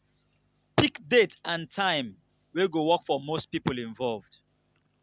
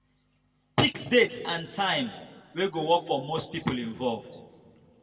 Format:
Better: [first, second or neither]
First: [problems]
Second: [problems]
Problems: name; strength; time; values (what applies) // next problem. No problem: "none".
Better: first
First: none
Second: room echo; dies away in 1.4 s